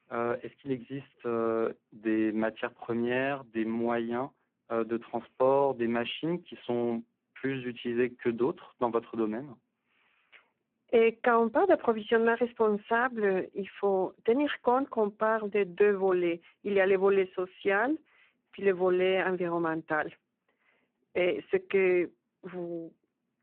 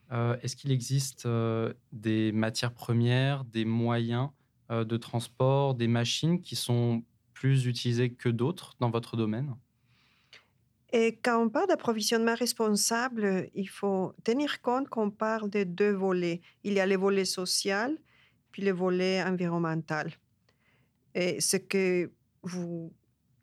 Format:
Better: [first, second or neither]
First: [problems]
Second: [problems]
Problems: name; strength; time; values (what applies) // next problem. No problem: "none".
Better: second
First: phone-call audio; poor line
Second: none